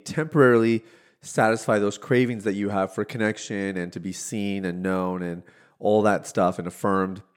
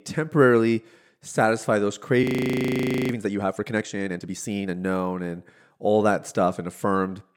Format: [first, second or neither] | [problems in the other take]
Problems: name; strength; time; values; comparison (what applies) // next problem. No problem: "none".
first | audio freezing; at 2 s for 1 s